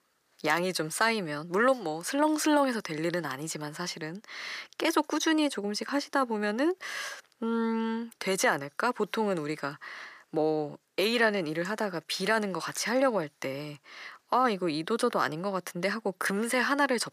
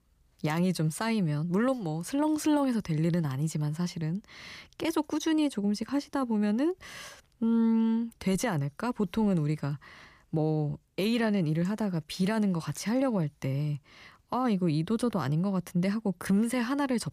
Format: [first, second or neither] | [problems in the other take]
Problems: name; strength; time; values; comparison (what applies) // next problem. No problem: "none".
second | thin; somewhat; fading below 450 Hz